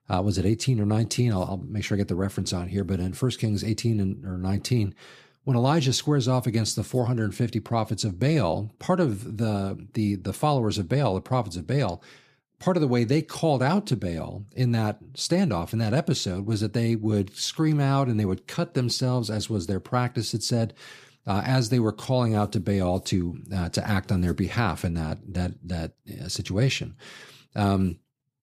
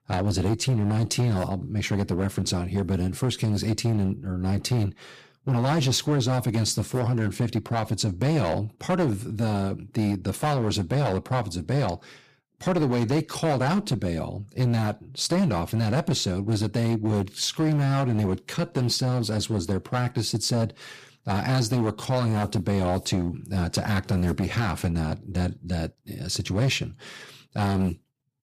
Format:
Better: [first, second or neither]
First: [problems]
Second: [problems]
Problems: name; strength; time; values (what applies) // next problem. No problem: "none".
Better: first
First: none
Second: distortion; slight; 11% of the sound clipped